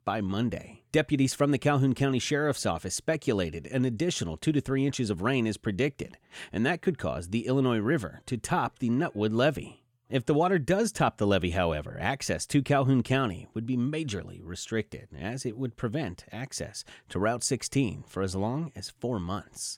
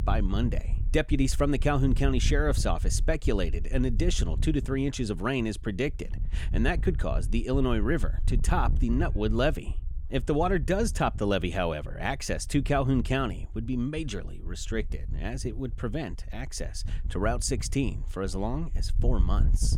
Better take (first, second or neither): first